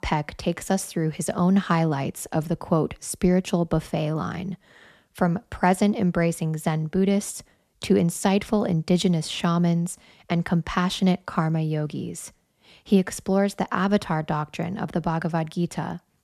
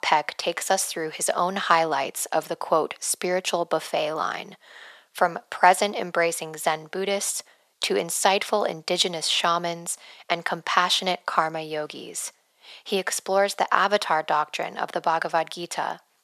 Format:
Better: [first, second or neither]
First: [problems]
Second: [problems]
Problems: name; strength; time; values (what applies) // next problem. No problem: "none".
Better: first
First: none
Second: thin; very; fading below 700 Hz